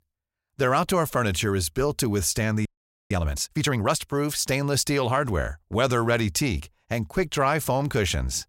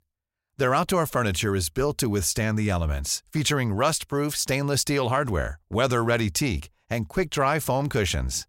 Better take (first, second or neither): second